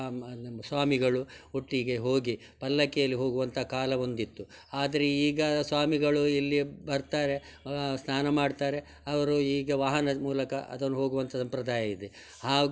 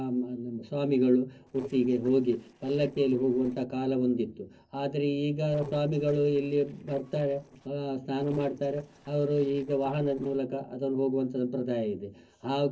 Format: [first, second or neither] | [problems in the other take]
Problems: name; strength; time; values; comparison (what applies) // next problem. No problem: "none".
first | noise reduction (neural separator model SepFormer DNS4)